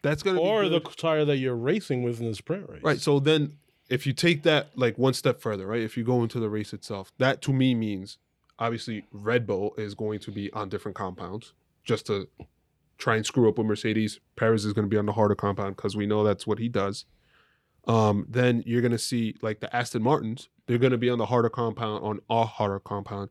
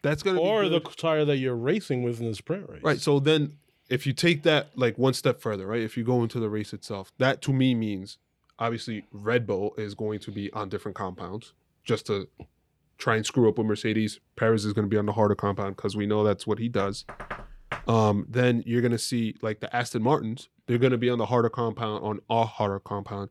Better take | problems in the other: first | door banging; faint; from 17 to 18 s; peak 10 dB below the speech

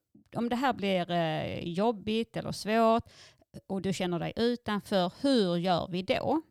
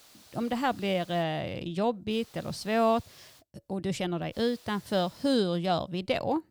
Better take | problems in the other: first | hiss; faint; until 1 s, from 2 to 3.5 s and from 4.5 to 5.5 s; 25 dB below the speech

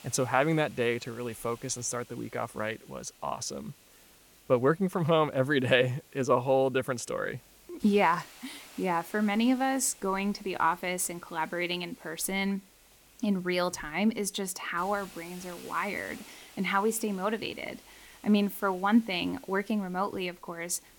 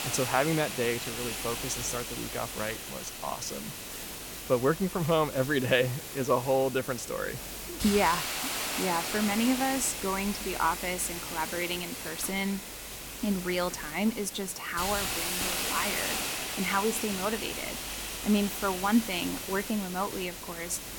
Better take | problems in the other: first | hiss; loud; throughout; 4 dB below the speech; faint in the first

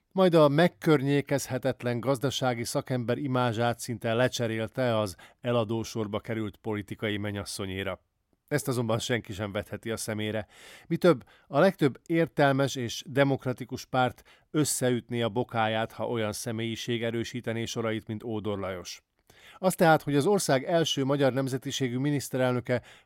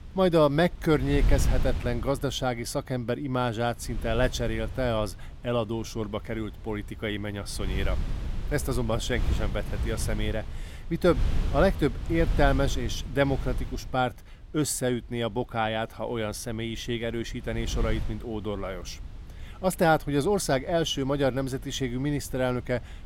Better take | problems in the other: first | wind noise on the microphone; occasional gusts; 15 dB below the speech

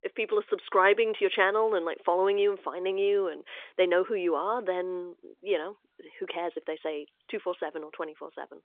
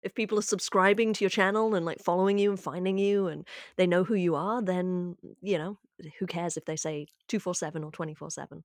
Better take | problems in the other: second | phone-call audio; nothing above 3.5 kHz

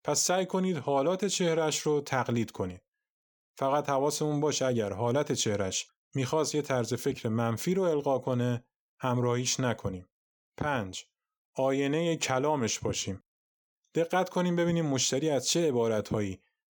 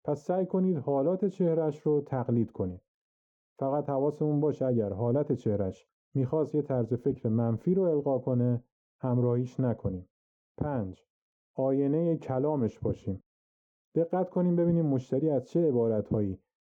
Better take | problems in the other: first | muffled; very; fading above 1.5 kHz

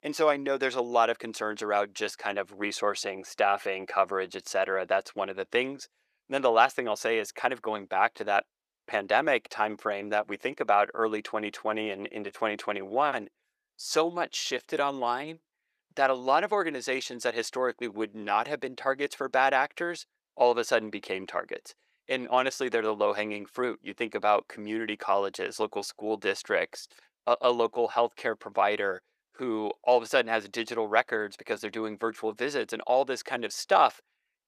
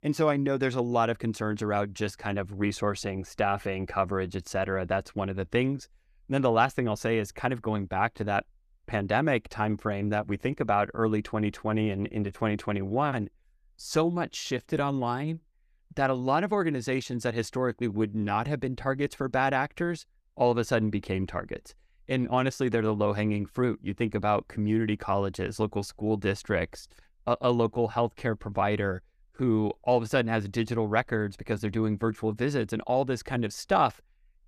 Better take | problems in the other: second | thin; somewhat; fading below 500 Hz

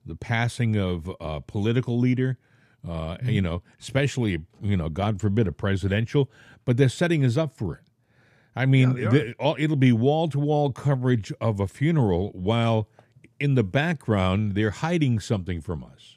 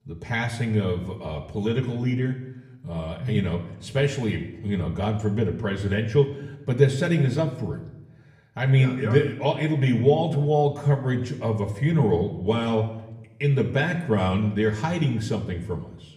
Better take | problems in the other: first | room echo; slight; dies away in 0.7 s // off-mic speech; far

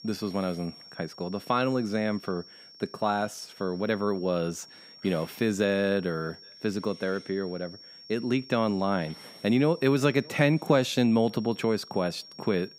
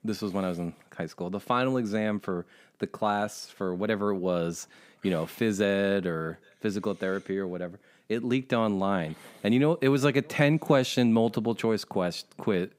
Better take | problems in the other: second | high-pitched whine; noticeable; throughout; 5.5 kHz, 20 dB below the speech

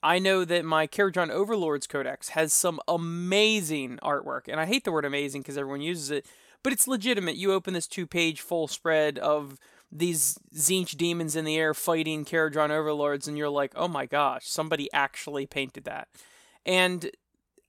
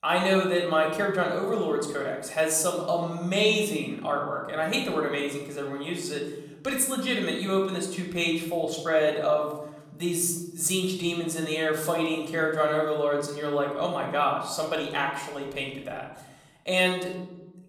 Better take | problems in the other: first | off-mic speech; somewhat distant // room echo; noticeable; dies away in 1.1 s

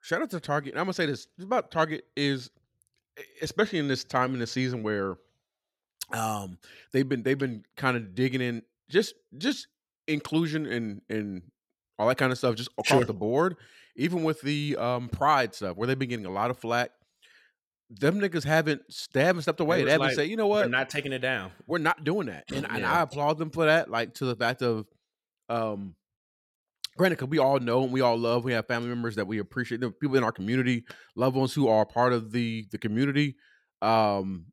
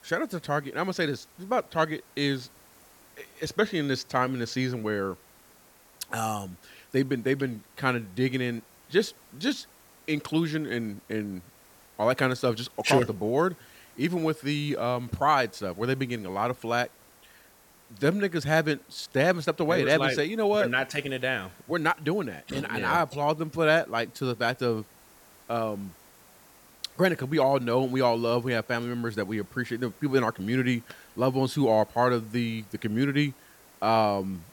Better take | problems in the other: first | hiss; faint; throughout; 25 dB below the speech

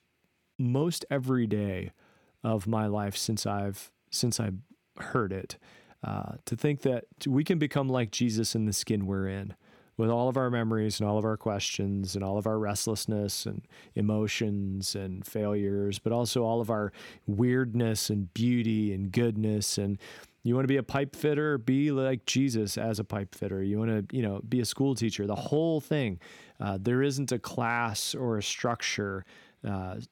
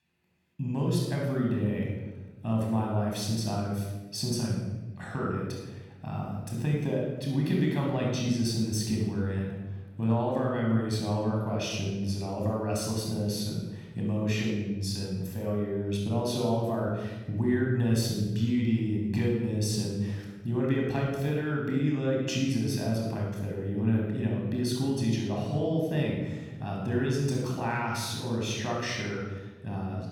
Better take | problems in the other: first | off-mic speech; far // room echo; noticeable; dies away in 1.1 s

